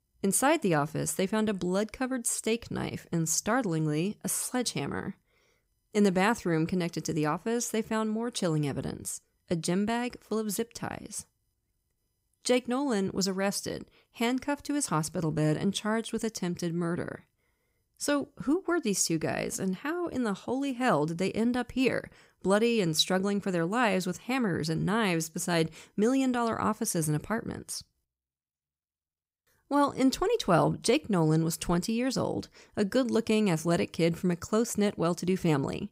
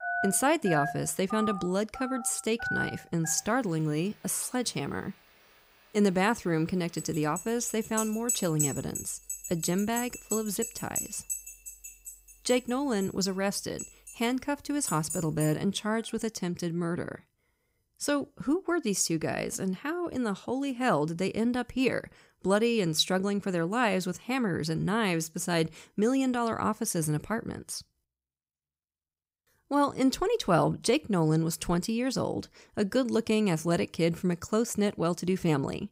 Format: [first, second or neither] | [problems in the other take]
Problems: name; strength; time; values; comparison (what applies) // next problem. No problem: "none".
first | alarms or sirens; loud; until 16 s; 7 dB below the speech